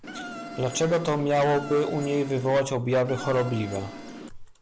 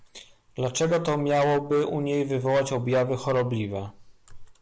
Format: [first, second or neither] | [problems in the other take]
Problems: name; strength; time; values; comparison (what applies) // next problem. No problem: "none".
second | background sound (Insect); 12 dB below the speech